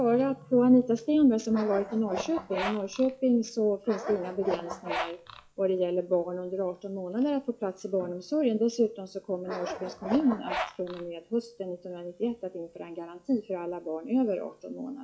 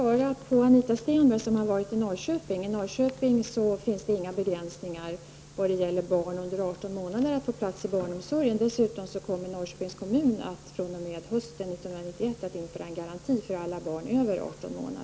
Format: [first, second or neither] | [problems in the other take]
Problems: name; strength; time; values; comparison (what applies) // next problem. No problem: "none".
second | noise reduction (classical method log-MMSE)